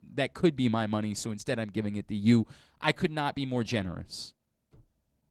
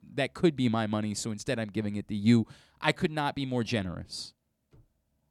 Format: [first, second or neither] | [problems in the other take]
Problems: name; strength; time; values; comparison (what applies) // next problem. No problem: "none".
second | garbled, watery; slightly; nothing above 15.5 kHz